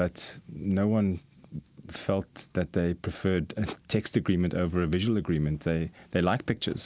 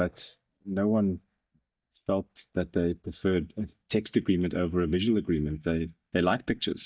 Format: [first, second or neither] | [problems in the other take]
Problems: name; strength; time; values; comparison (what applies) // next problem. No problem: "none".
first | noise reduction (neural mask model DeepFilterNet 3)